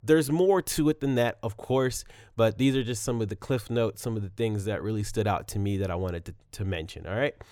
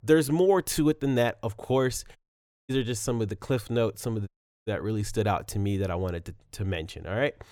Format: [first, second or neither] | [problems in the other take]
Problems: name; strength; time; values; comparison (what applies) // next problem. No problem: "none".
first | audio cutting out; at 2 s for 0.5 s and at 4.5 s